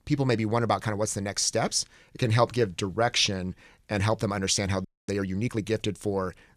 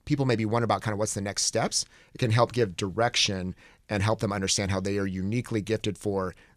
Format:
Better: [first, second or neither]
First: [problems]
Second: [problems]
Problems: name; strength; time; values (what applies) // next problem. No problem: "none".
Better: second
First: audio freezing; at 5 s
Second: none